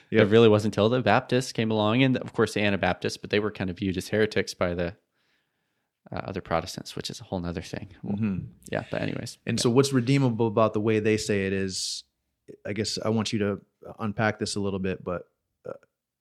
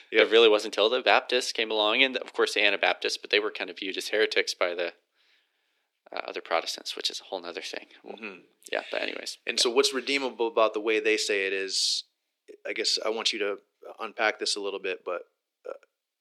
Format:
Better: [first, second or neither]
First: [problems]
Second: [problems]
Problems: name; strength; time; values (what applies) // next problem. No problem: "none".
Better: first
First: none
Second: thin; very; fading below 350 Hz